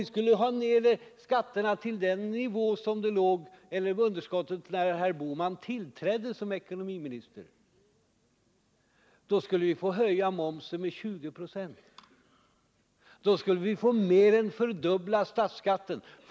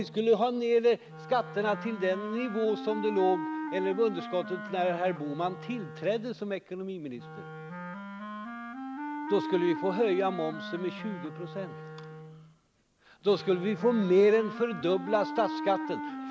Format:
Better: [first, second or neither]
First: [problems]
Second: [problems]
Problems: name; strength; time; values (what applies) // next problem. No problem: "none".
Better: first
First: none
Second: background sound (Wind instrument, woodwind instrument); 9 dB below the speech